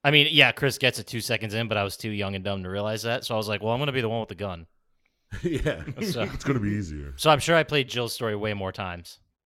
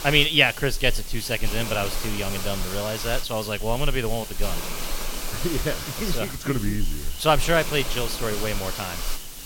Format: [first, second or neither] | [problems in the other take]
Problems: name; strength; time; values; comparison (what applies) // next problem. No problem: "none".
first | hiss; loud; throughout; 7 dB below the speech